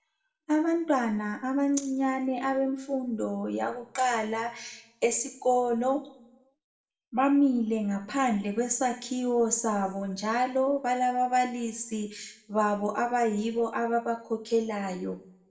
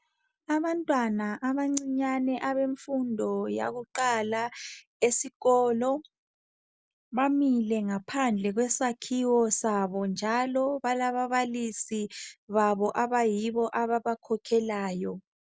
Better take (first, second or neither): second